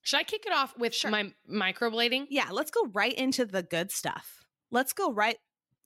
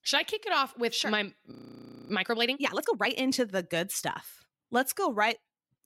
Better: first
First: none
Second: audio freezing; at 1.5 s for 0.5 s

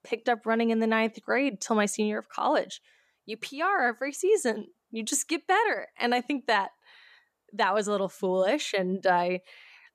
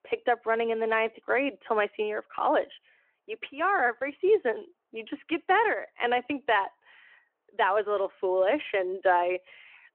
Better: first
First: none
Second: phone-call audio

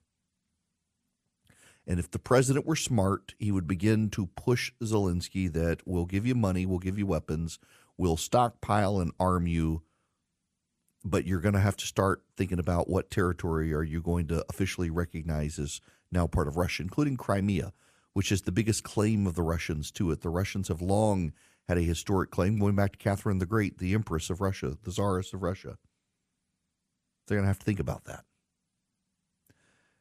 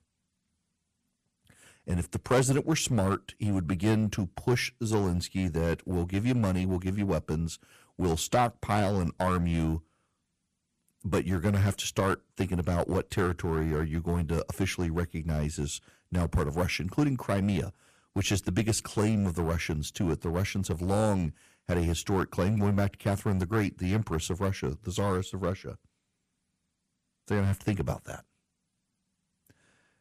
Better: first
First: none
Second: distortion; slight; 5% of the sound clipped

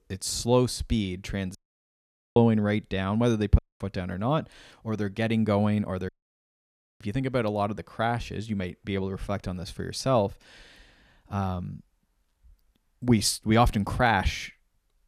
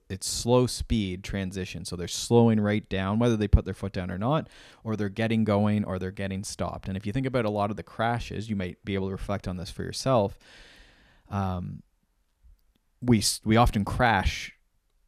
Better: second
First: audio cutting out; at 1.5 s for 1 s, at 3.5 s and at 6 s for 1 s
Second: none

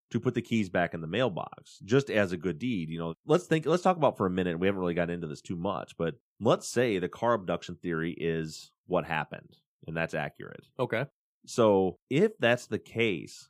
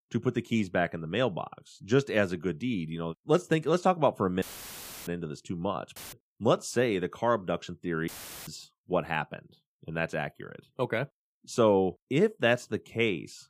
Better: first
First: none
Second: audio cutting out; filled with static; at 4.5 s for 0.5 s, at 6 s and at 8 s

